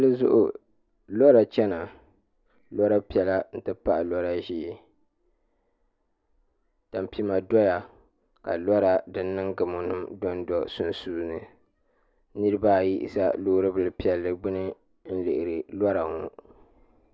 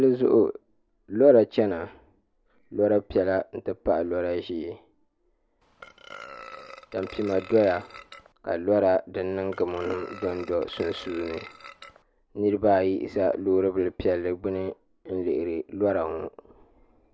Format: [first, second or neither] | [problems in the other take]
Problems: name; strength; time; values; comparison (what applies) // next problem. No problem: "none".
first | background sound (Burping, eructation); 18 dB below the speech